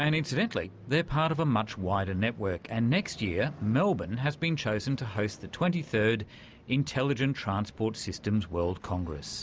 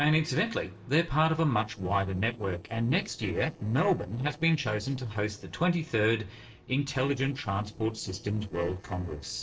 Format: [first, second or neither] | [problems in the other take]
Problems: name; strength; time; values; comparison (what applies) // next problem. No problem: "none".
first | noise reduction (neural separator model SepFormer DNS4)